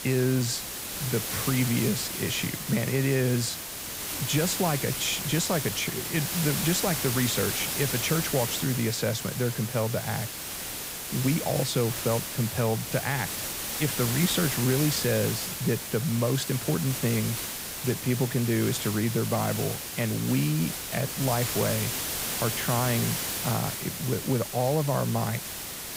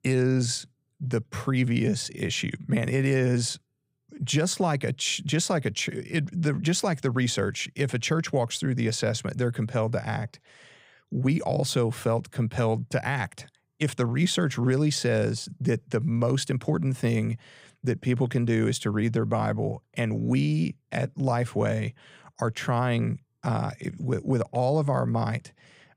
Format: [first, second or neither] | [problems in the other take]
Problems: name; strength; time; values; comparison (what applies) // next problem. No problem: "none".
second | hiss; loud; throughout; 3 dB below the speech